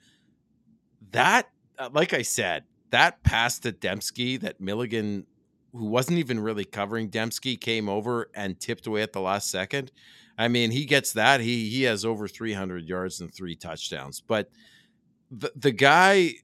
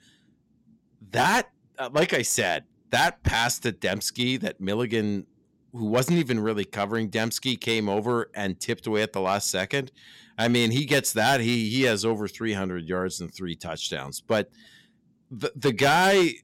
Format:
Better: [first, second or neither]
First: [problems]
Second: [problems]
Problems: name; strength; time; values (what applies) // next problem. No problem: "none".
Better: first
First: none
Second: distortion; heavy; 3% of the sound clipped